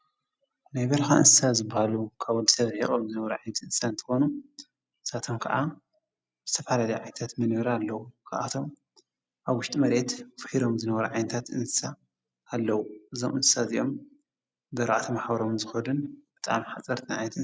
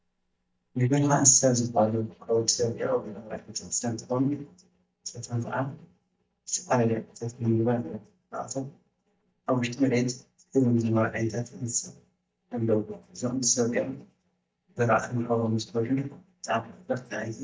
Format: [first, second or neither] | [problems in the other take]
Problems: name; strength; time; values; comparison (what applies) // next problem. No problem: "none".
first | noise reduction (neural mask model DeepFilterNet 3)